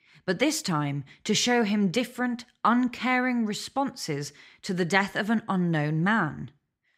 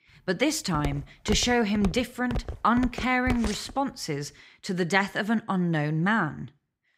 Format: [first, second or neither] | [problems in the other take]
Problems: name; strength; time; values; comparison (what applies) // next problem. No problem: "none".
first | footsteps; noticeable; from 0.5 to 3.5 s; peak 6 dB below the speech